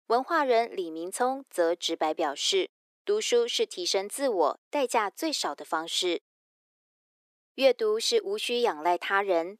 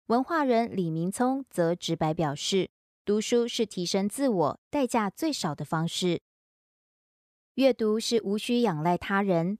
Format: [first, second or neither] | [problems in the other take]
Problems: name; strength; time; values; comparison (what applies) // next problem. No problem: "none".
second | thin; very; fading below 350 Hz